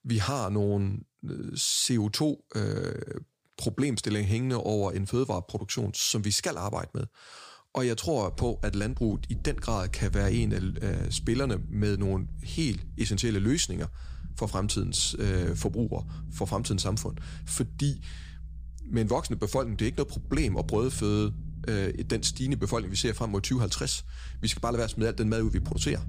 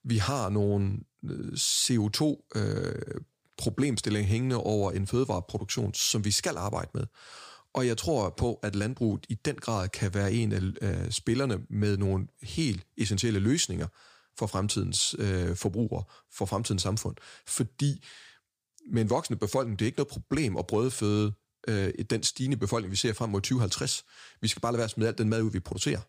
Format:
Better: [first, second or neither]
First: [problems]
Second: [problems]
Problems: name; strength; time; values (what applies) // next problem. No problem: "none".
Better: second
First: low rumble; faint; from 8.5 s on; 20 dB below the speech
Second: none